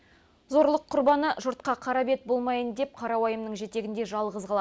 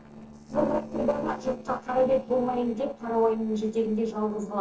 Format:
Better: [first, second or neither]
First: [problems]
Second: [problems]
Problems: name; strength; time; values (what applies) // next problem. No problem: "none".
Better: first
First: none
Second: noise reduction (neural separator model SepFormer DNS4)